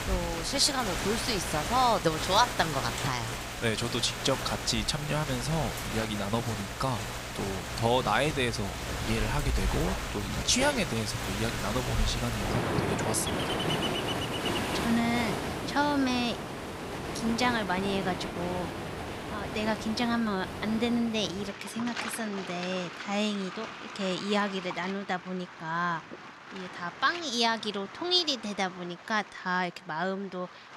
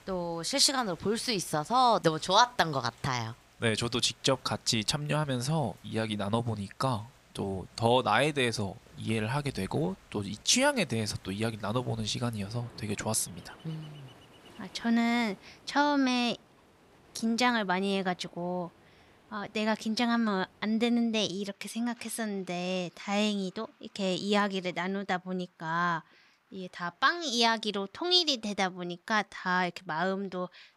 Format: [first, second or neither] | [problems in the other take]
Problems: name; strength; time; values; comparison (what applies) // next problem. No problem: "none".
second | rain or running water; loud; throughout; 4 dB below the speech; faint in the second